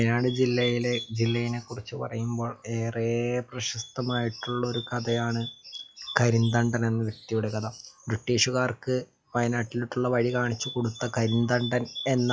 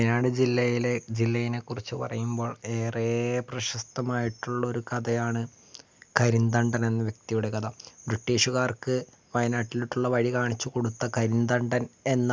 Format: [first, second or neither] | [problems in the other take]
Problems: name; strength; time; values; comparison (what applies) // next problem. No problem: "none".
second | noise reduction (classical method log-MMSE)